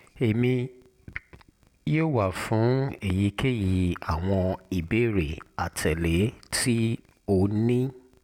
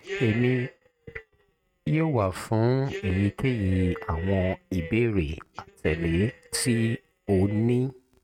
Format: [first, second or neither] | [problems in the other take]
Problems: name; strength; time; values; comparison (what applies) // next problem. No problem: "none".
first | noise reduction (neural mask model RNNoise)